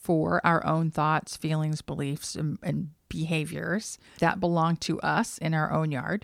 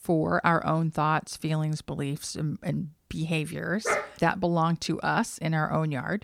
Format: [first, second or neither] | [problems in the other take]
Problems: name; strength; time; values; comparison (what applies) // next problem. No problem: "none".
first | dog barking; noticeable; at 4 s; peak 1 dB below the speech